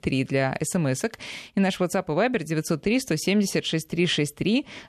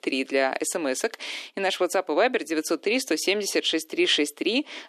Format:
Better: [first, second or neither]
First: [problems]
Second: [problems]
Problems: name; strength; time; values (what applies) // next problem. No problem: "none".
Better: first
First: none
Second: thin; somewhat; fading below 300 Hz